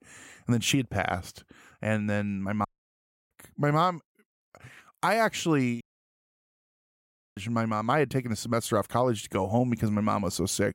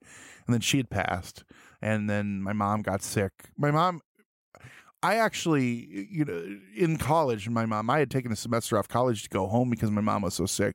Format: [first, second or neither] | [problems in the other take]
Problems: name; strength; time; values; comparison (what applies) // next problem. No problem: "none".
second | audio cutting out; at 2.5 s for 0.5 s and at 6 s for 1.5 s